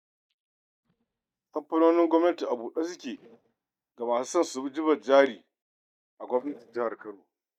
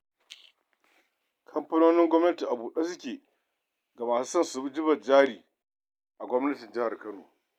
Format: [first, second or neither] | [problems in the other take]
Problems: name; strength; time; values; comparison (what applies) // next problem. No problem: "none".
second | noise reduction (neural mask model DeepFilterNet 3)